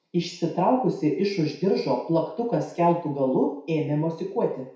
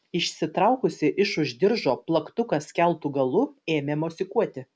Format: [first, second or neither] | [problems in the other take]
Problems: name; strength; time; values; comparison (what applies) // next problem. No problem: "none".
second | room echo; dies away in 0.6 s